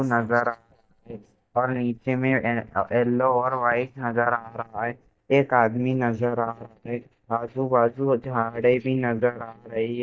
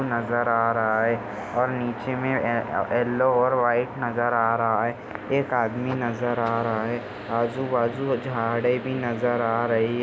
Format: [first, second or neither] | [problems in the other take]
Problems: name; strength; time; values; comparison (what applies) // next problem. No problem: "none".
second | noise reduction (neural mask model DeepFilterNet 3)